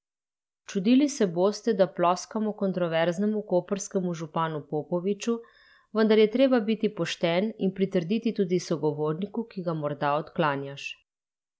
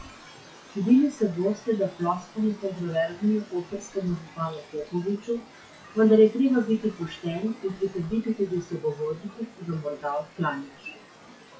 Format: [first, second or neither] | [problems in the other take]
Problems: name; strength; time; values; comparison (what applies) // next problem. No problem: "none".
first | noise reduction (classical method WPE with log-MMSE)